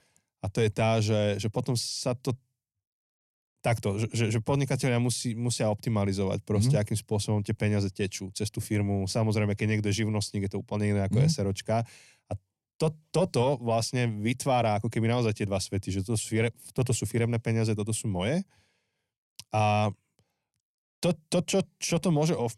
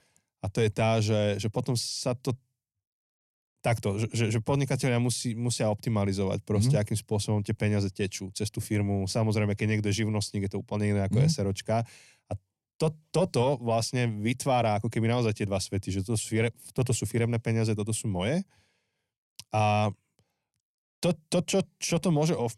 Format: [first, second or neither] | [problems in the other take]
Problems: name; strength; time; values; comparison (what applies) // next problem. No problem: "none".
neither | none